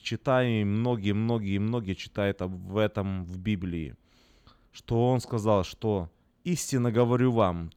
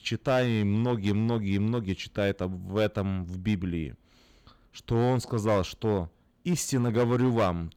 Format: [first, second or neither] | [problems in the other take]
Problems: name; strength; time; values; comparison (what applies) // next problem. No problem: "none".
first | distortion; slight; 5% of the sound clipped